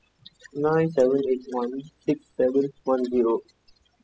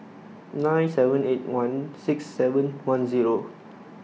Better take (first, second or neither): second